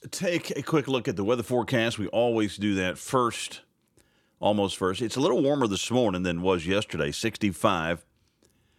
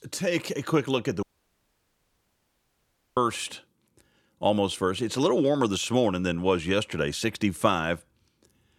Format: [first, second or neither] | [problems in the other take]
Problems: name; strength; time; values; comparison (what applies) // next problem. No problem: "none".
first | audio cutting out; at 1 s for 2 s